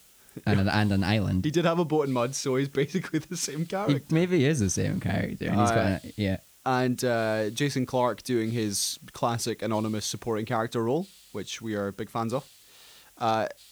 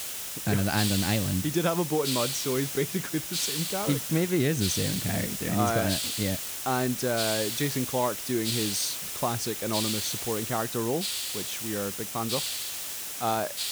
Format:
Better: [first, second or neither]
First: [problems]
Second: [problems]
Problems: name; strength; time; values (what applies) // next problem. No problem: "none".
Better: first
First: hiss; faint; throughout; 25 dB below the speech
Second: hiss; loud; throughout; 1 dB below the speech